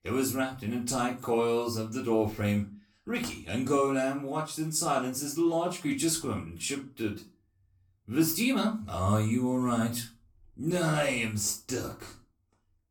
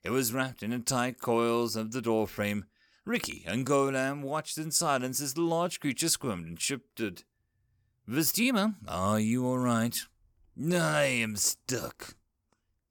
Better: second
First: off-mic speech; far // room echo; very slight; dies away in 0.3 s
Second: none

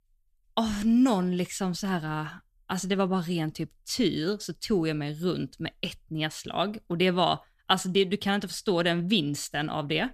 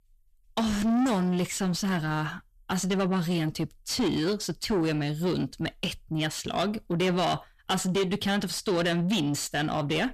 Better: first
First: none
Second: distortion; heavy; 7 dB below the speech

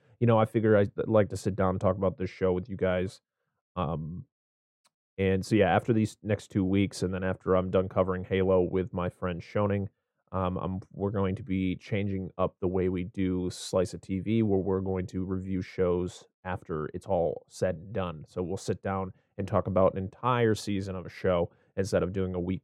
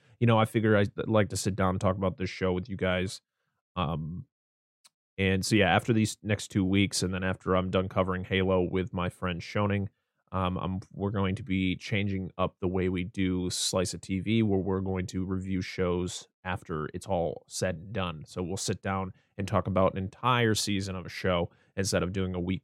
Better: second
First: muffled; slightly; fading above 2 kHz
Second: none

